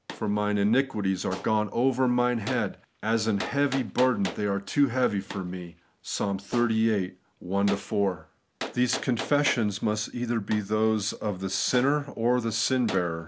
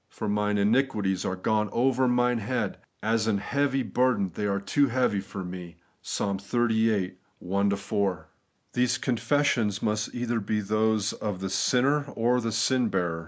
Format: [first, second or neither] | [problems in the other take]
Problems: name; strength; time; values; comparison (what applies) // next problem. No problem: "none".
second | background sound (Gunshot, gunfire); 15 dB below the speech